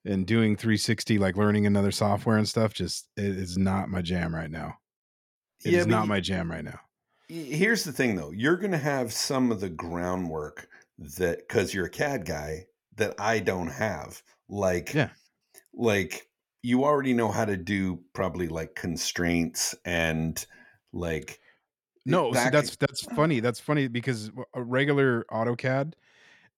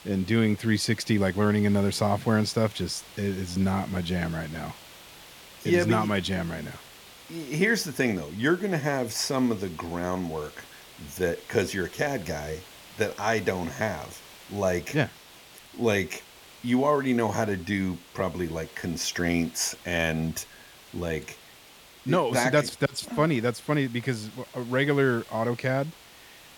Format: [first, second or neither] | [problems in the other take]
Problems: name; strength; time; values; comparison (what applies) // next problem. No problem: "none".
first | hiss; noticeable; throughout; 20 dB below the speech